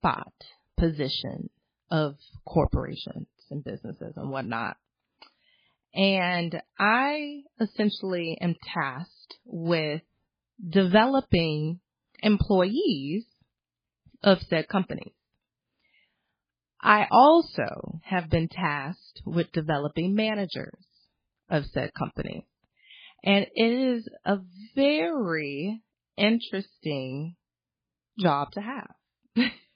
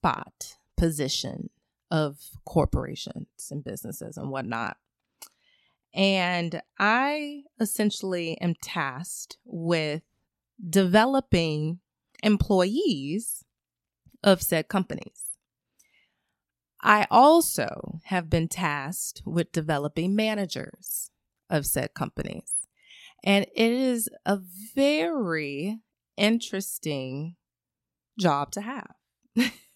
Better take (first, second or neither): second